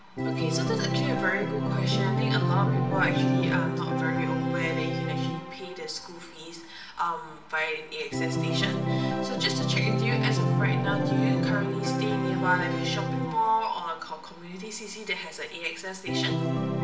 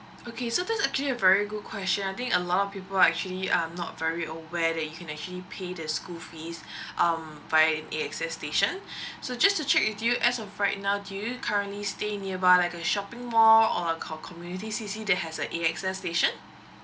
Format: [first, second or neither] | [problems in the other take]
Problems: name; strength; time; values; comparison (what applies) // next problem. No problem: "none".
second | background sound (Organ); 5 dB above the speech // room echo; dies away in 0.9 s